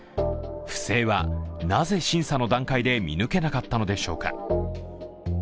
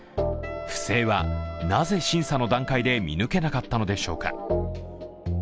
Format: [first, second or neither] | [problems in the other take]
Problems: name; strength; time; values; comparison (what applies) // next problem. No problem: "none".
first | background sound (Wind instrument, woodwind instrument); 14 dB below the speech